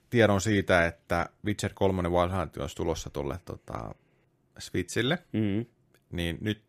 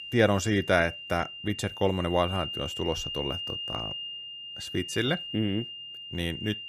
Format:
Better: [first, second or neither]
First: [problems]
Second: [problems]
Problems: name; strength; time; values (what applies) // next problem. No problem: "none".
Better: first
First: none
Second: high-pitched whine; loud; throughout; 3 kHz, 7 dB below the speech